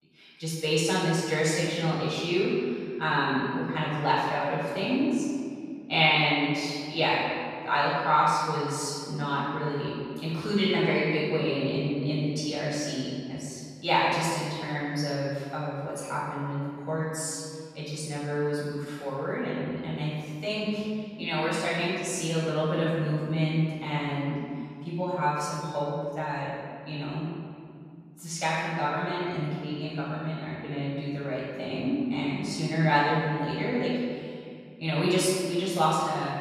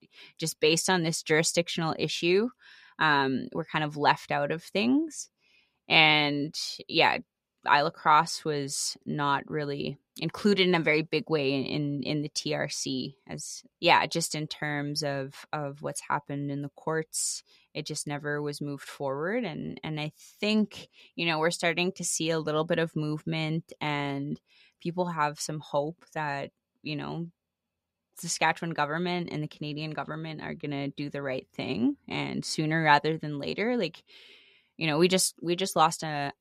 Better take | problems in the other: second | off-mic speech; far // room echo; strong; dies away in 2.1 s

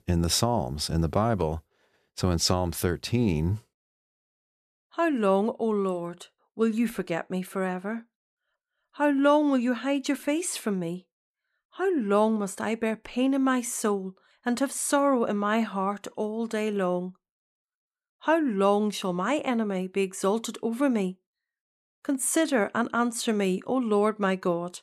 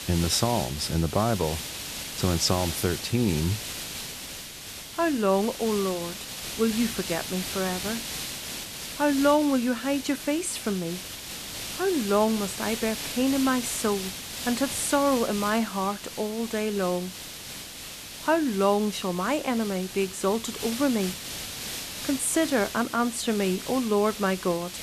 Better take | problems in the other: first | hiss; loud; throughout; 8 dB below the speech

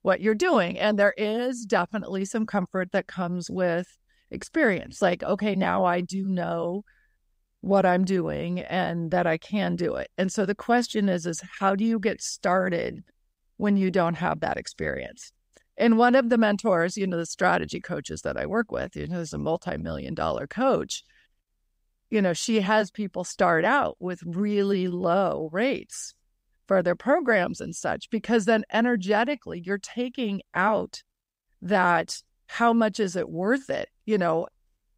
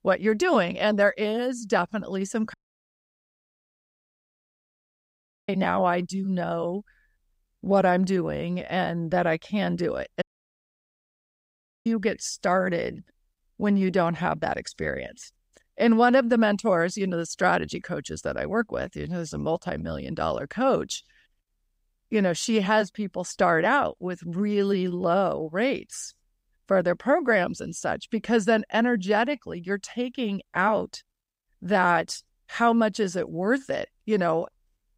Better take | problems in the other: first | audio cutting out; at 2.5 s for 3 s and at 10 s for 1.5 s

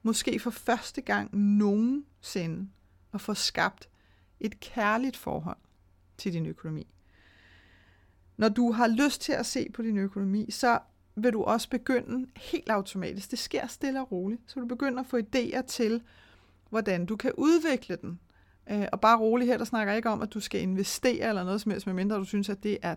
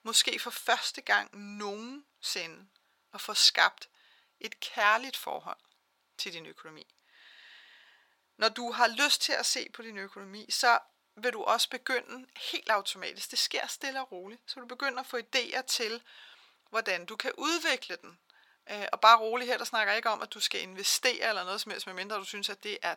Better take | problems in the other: first | thin; very; fading below 850 Hz

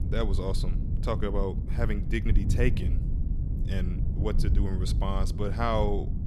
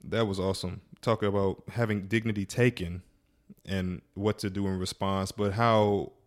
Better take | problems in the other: second | low rumble; noticeable; throughout; 10 dB below the speech

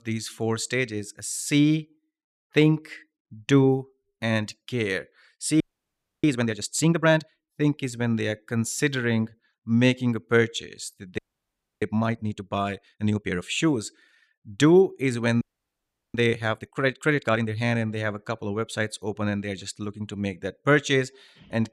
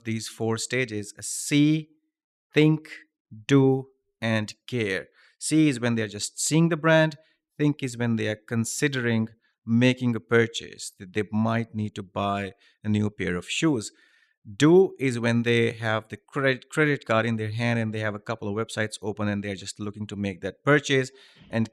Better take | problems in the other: second | audio freezing; at 5.5 s for 0.5 s, at 11 s for 0.5 s and at 15 s for 0.5 s

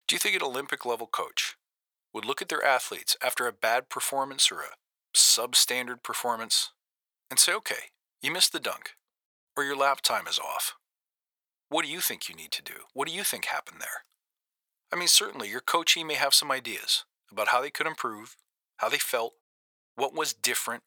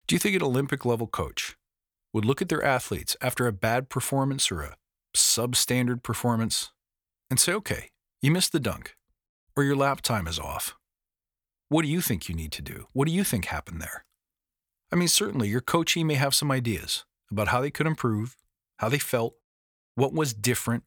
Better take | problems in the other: second | thin; very; fading below 700 Hz

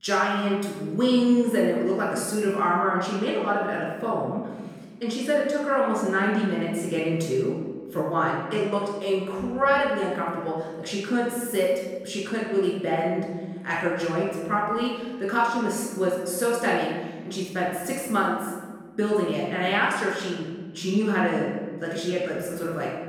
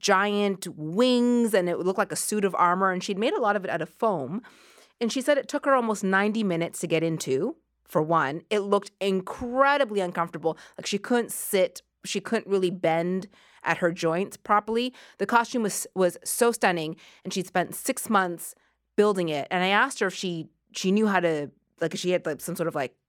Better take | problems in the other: second | off-mic speech; far // room echo; noticeable; dies away in 1.3 s

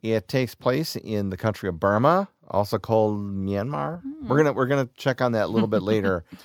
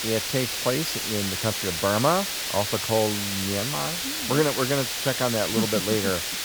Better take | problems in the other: first | hiss; loud; throughout; as loud as the speech

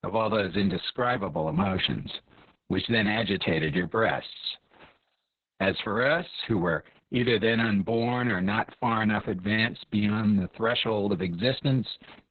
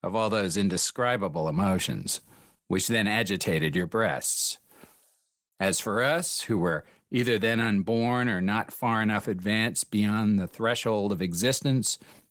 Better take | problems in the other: second | garbled, watery; badly; nothing above 4 kHz; slightly in the second

